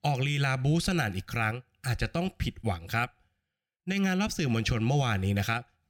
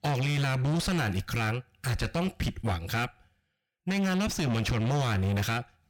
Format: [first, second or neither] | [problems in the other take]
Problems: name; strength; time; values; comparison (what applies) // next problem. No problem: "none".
first | distortion; heavy; 7 dB below the speech